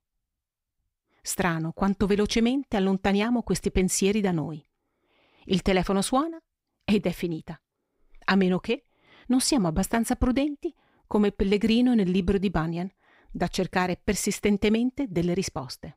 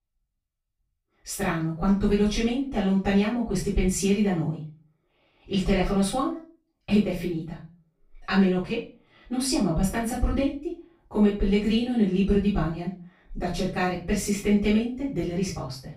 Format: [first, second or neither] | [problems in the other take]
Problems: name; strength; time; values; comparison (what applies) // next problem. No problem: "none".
first | off-mic speech; far // room echo; noticeable; dies away in 0.3 s